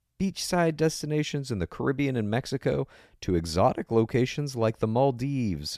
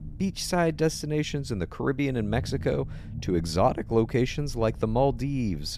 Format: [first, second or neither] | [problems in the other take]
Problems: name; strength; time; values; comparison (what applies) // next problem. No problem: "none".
first | low rumble; faint; throughout; 25 dB below the speech